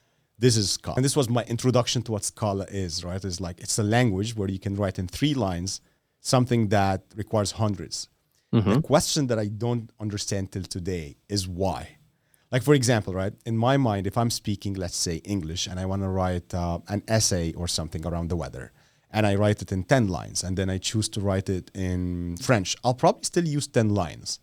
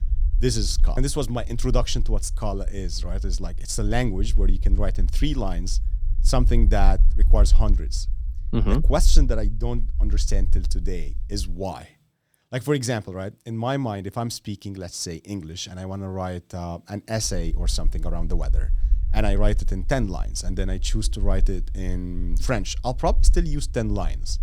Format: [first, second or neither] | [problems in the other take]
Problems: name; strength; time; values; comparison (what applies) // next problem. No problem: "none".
first | low rumble; noticeable; until 12 s and from 17 s on; 20 dB below the speech